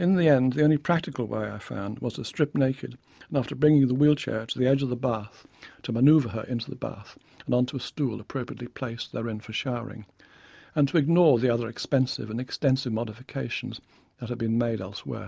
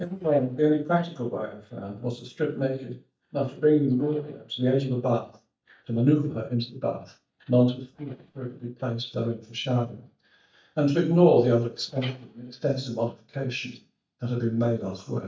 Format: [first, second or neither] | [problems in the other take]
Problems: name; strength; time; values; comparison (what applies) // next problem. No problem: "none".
first | noise reduction (neural mask model DeepFilterNet 3)